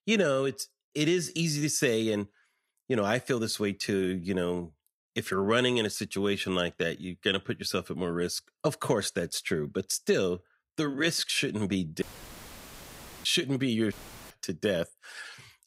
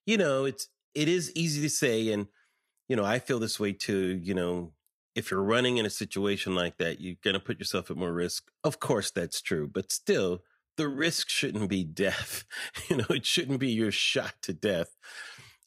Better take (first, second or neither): second